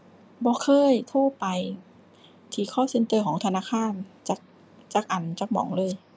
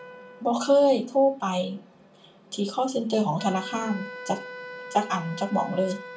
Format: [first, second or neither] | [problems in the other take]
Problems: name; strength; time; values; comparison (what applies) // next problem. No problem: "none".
first | background sound (Wind instrument, woodwind instrument); 16 dB below the speech // room echo; dies away in 0.3 s